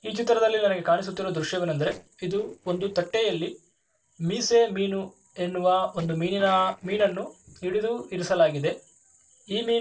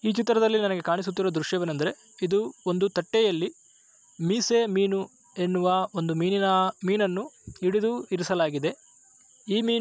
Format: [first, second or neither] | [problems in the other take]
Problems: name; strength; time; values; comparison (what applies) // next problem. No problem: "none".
second | noise reduction (neural separator model SepFormer DNS4)